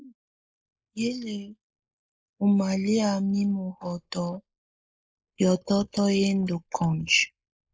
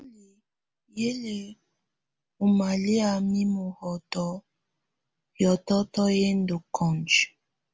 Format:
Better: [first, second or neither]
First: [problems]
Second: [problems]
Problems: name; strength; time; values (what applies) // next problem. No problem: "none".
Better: second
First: noise reduction (neural mask model Resemble Enhance denoiser)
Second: none